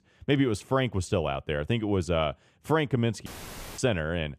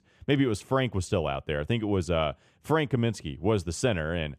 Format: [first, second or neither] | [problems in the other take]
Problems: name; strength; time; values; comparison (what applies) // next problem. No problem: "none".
second | audio cutting out; filled with static; at 3.5 s for 0.5 s